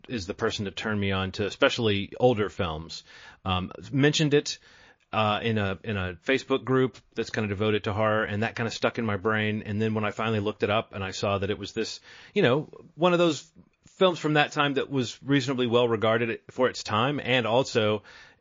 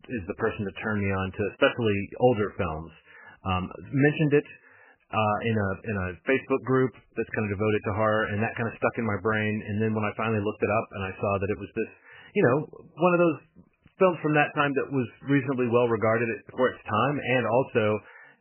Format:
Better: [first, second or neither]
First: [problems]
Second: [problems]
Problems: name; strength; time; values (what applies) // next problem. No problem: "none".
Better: first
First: garbled, watery; slightly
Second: garbled, watery; badly; nothing above 3 kHz